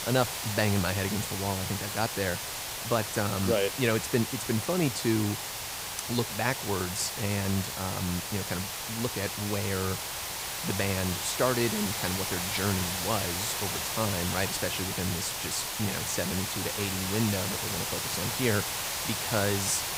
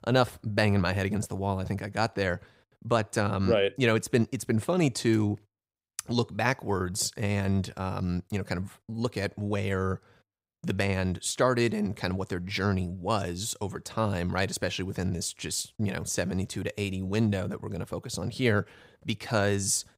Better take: second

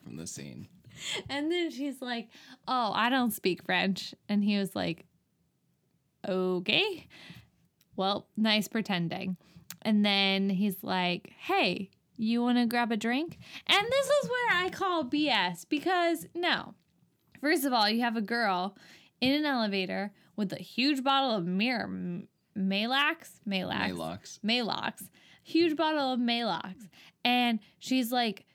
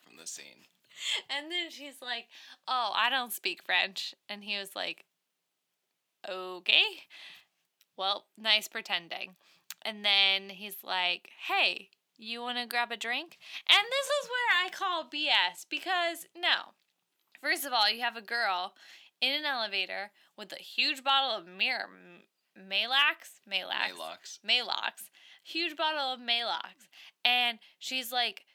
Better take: first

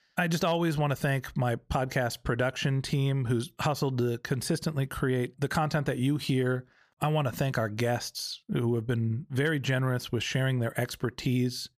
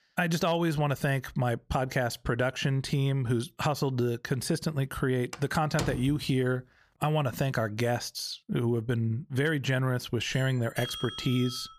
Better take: first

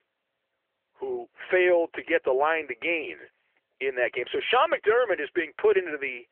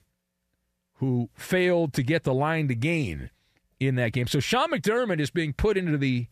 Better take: second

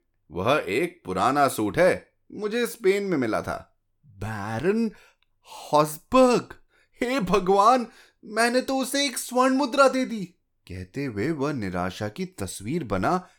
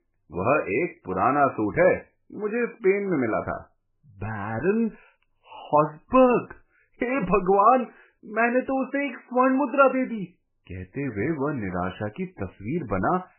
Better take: first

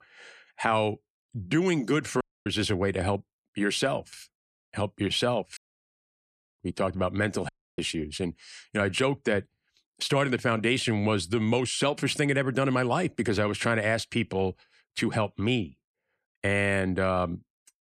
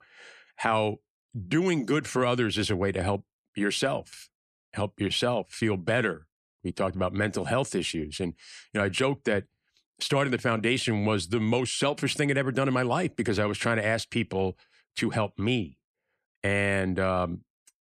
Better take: second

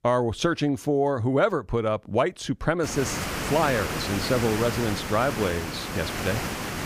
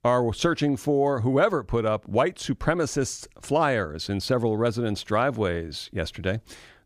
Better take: second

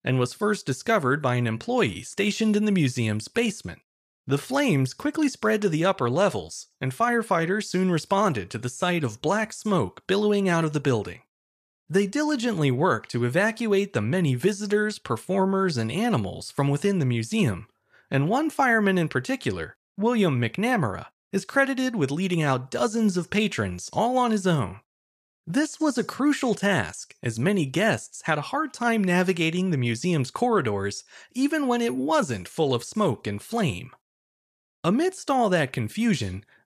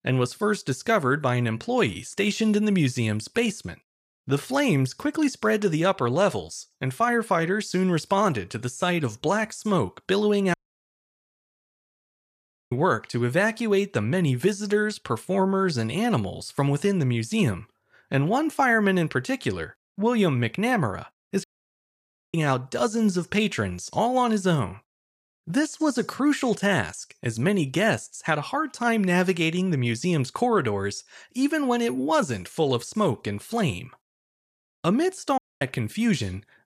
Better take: first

